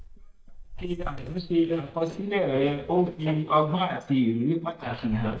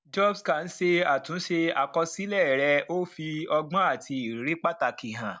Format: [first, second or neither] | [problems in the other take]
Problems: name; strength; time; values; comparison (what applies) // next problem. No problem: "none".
second | noise reduction (neural mask model DeepFilterNet 3)